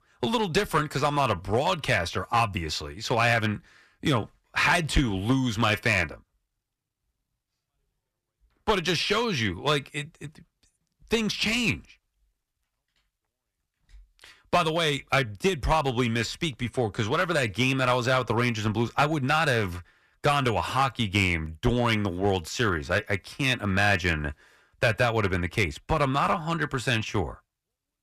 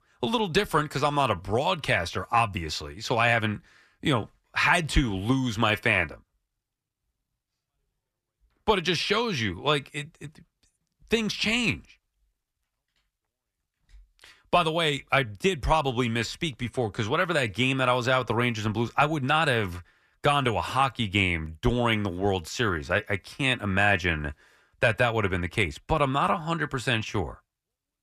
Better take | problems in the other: second | distortion; slight; 3% of the sound clipped

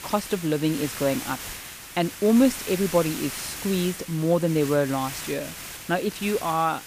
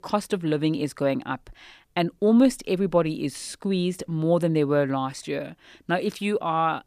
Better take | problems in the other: second | hiss; loud; throughout; 9 dB below the speech

